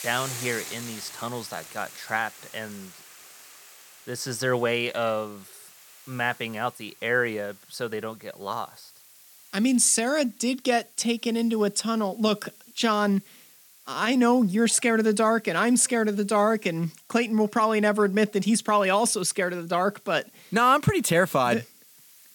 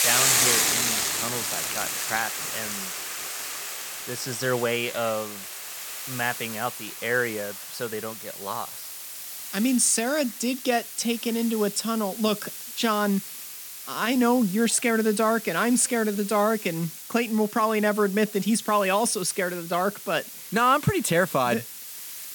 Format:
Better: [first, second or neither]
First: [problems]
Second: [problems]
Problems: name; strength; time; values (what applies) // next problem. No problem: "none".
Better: first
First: hiss; faint; throughout; 20 dB below the speech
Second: hiss; loud; throughout; 5 dB below the speech